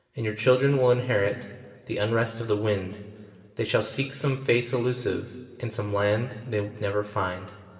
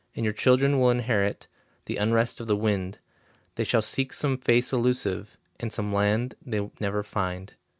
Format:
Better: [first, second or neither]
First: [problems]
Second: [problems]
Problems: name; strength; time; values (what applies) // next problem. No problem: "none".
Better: second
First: room echo; dies away in 2.1 s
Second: none